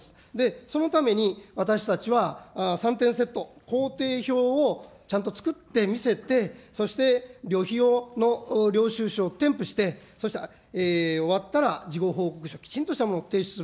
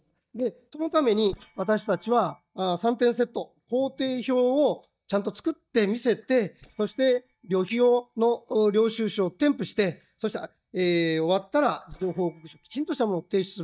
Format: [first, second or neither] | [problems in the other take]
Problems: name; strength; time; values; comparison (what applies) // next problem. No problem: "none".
first | noise reduction (neural mask model DeepFilterNet 3)